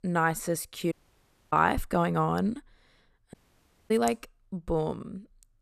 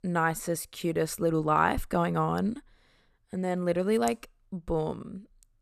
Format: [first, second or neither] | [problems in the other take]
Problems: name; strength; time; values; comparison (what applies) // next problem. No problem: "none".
second | audio cutting out; at 1 s for 0.5 s and at 3.5 s for 0.5 s